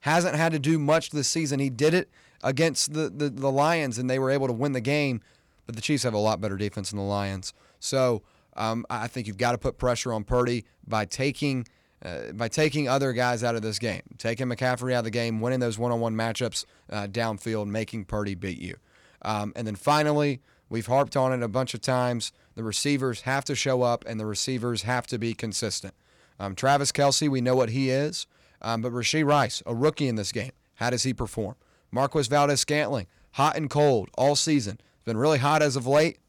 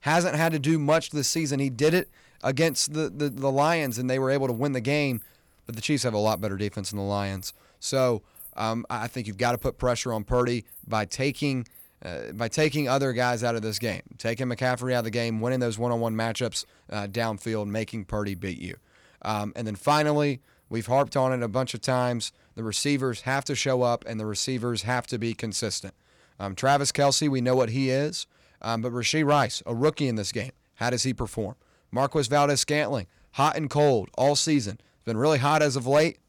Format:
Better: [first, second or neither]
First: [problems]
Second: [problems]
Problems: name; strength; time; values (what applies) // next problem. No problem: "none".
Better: first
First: none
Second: animal sounds; faint; throughout; 25 dB below the speech